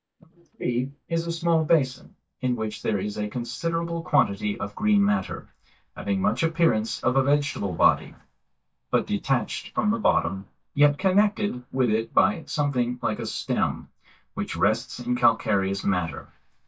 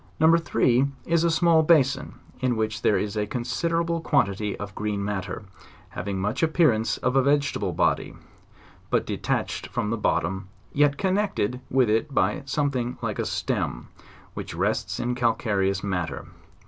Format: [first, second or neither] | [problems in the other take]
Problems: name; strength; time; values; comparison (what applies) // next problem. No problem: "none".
second | noise reduction (neural mask model DeepFilterNet 3)